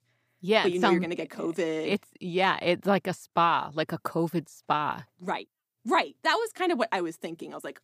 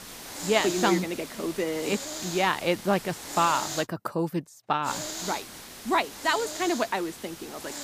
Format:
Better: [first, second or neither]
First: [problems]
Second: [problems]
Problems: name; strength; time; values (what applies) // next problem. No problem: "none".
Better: first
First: none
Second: hiss; loud; until 4 s and from 5 s on; 8 dB below the speech